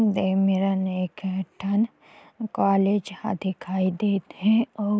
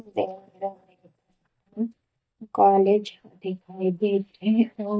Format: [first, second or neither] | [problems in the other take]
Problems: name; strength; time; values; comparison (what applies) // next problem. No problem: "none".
first | noise reduction (neural mask model DeepFilterNet 3)